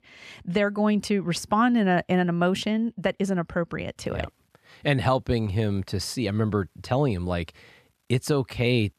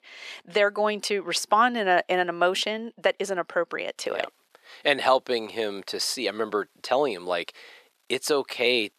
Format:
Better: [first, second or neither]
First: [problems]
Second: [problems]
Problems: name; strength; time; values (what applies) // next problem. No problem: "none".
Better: first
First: none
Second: thin; very; fading below 400 Hz